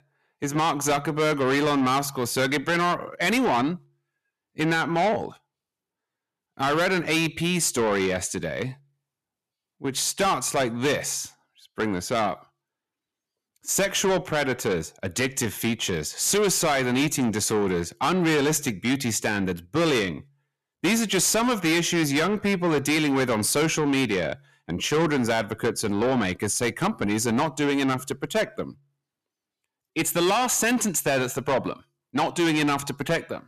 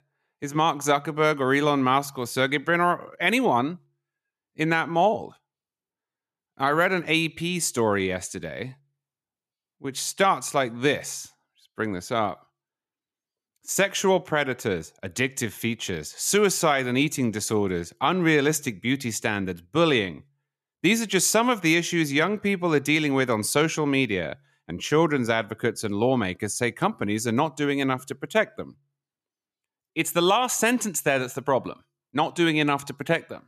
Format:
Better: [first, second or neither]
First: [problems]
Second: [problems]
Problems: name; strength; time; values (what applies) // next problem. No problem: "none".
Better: second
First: distortion; heavy; 7 dB below the speech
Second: none